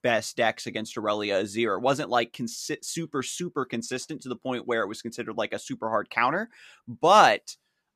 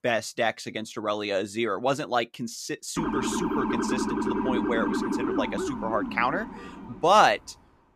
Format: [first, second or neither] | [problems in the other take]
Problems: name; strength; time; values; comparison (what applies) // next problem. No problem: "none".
first | siren; loud; from 3 to 7 s; peak level with the speech